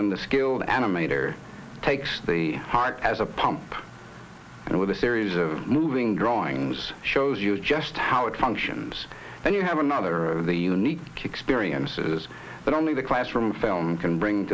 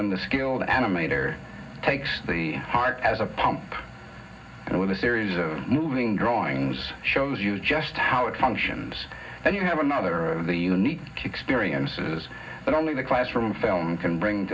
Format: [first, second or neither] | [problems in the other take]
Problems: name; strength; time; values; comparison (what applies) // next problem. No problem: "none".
first | room echo; dies away in 0.4 s